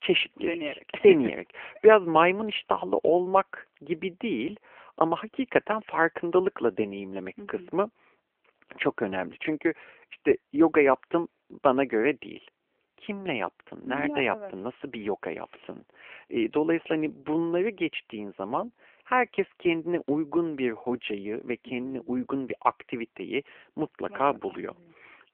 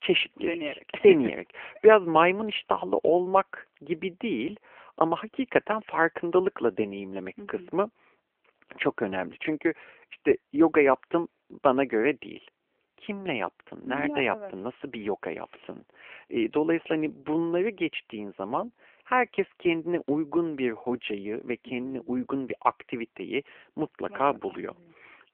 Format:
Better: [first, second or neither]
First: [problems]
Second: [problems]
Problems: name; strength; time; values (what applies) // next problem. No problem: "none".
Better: neither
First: phone-call audio; nothing above 3 kHz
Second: phone-call audio; nothing above 3 kHz